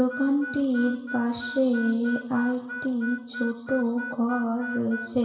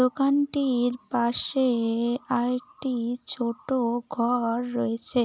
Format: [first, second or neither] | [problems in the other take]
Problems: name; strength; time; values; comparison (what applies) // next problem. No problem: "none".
second | background sound (Harmonica); 12 dB below the speech // room echo; dies away in 2.2 s